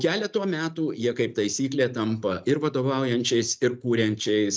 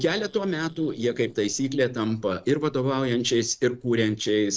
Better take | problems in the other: first | noise reduction (neural separator model SepFormer DNS4)

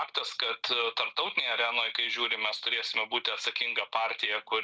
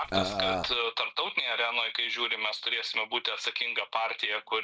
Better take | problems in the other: first | background sound (Burping, eructation); as loud as the speech

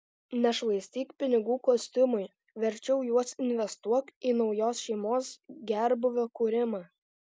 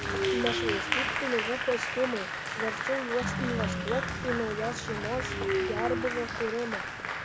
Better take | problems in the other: first | background sound (Applause + Train); 2 dB above the speech

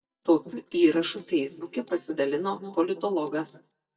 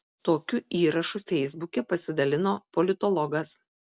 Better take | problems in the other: second | noise reduction (neural mask model DeepFilterNet 3)

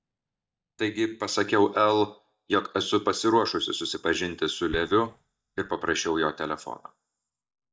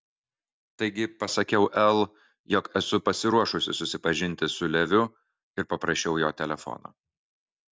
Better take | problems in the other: second | noise reduction (neural mask model DeepFilterNet 3)

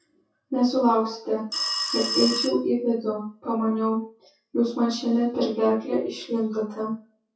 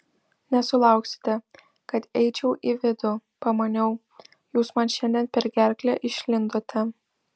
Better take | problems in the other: second | noise reduction (classical method WPE with log-MMSE)

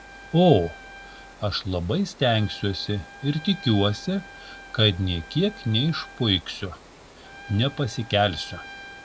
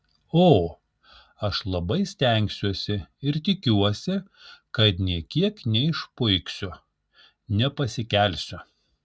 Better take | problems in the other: second | background sound (Trumpet + Water); 18 dB below the speech

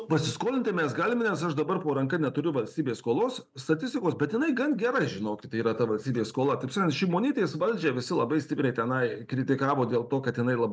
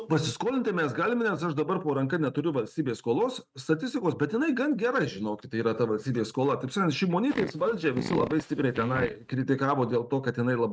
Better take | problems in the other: first | noise reduction (neural mask model RNNoise)

